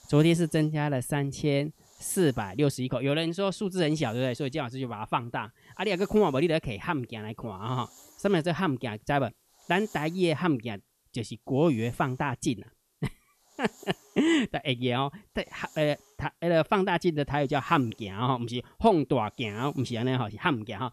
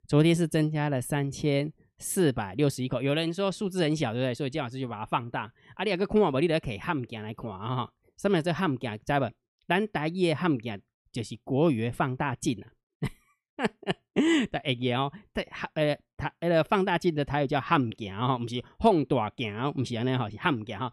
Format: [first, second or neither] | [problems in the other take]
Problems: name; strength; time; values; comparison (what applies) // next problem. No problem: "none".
second | hiss; faint; throughout; 30 dB below the speech